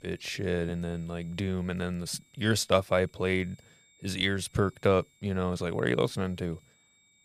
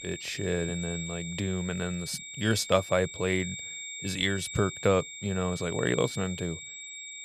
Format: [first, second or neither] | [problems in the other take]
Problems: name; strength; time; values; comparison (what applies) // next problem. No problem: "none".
first | high-pitched whine; loud; throughout; 2.5 kHz, 9 dB below the speech; faint in the first